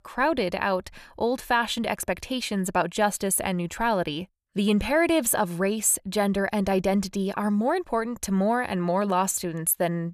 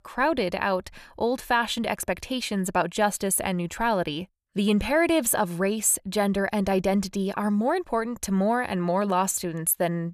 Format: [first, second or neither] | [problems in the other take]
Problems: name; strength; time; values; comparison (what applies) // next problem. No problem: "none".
neither | none